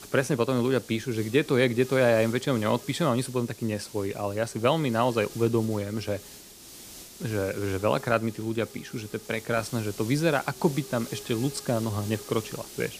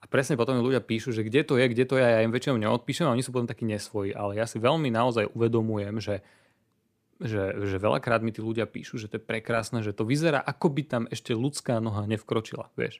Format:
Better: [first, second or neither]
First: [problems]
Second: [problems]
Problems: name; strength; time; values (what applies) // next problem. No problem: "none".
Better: second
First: hiss; noticeable; throughout; 15 dB below the speech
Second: none